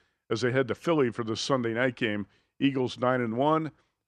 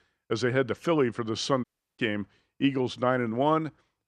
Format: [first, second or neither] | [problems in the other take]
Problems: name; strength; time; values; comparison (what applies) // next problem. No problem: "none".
first | audio cutting out; at 1.5 s